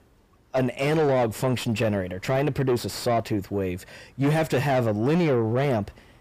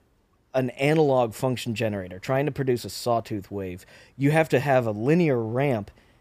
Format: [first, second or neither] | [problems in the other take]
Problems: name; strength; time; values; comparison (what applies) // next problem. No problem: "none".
second | distortion; heavy; 7 dB below the speech